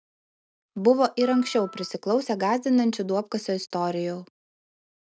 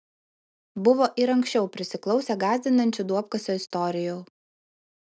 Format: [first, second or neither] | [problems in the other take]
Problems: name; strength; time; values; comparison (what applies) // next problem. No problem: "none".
second | noise reduction (neural mask model RNNoise)